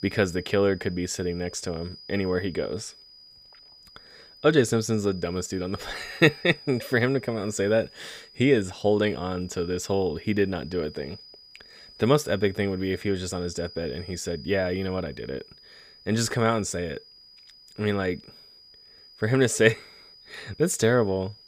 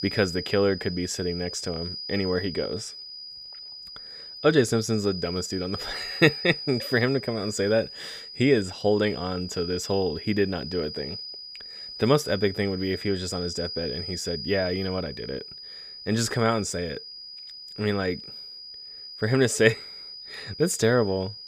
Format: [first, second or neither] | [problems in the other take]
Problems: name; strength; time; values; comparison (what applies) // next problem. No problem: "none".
first | high-pitched whine; loud; throughout; 5 kHz, 10 dB below the speech; faint in the first